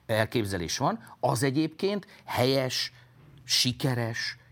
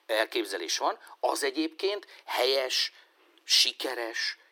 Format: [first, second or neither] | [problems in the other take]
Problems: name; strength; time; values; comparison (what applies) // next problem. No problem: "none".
first | thin; very; fading below 300 Hz